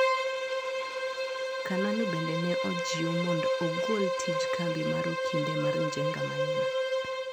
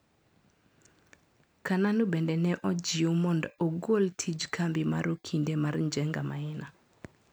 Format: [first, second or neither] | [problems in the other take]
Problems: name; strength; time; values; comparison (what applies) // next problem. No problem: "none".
second | background sound (Bowed string instrument); 4 dB above the speech